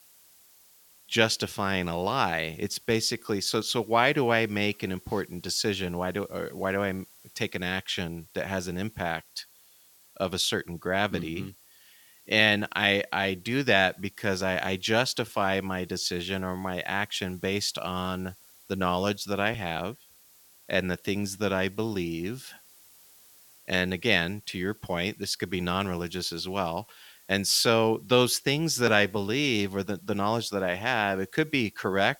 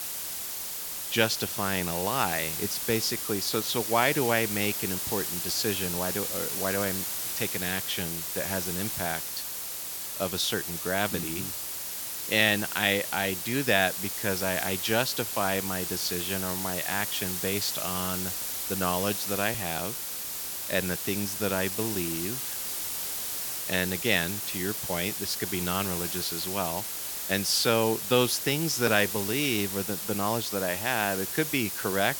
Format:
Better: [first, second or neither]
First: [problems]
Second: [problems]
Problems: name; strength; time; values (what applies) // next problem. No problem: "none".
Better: first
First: hiss; faint; throughout; 25 dB below the speech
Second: hiss; loud; throughout; 2 dB below the speech